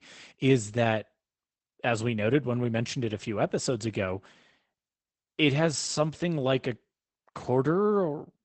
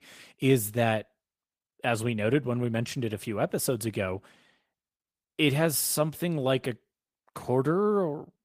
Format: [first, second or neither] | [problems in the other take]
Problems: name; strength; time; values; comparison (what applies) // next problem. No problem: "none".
second | garbled, watery; badly; nothing above 8 kHz; slightly in the second